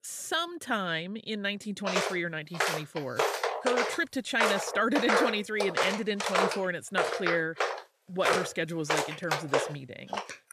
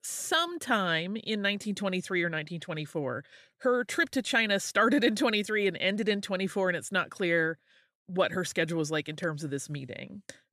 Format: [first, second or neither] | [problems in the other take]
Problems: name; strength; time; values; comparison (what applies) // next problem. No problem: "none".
second | footsteps; loud; from 2 s on; peak 5 dB above the speech